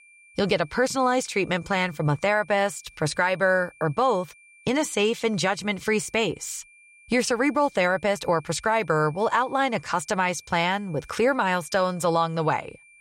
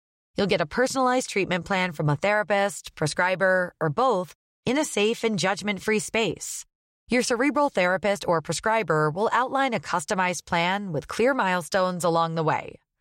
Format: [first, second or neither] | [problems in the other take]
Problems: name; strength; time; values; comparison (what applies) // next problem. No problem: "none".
second | high-pitched whine; faint; throughout; 2.5 kHz, 25 dB below the speech